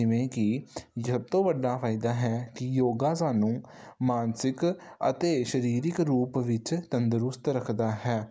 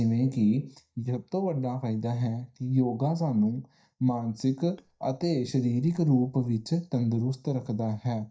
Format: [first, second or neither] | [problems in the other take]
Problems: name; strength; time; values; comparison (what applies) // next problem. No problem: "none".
first | noise reduction (neural mask model DeepFilterNet 3)